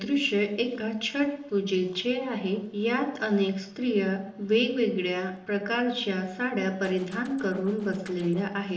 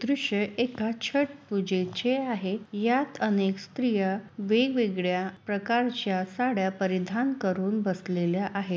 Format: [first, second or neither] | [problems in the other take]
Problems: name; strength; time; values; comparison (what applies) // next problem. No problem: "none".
second | noise reduction (neural separator model SepFormer DNS4)